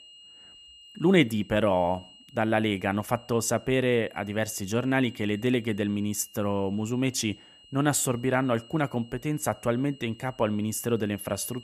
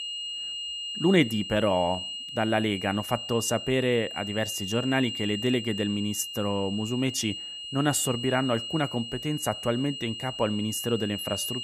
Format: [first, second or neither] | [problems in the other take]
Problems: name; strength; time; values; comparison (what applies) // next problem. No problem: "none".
first | high-pitched whine; loud; throughout; 3 kHz, 6 dB below the speech; faint in the first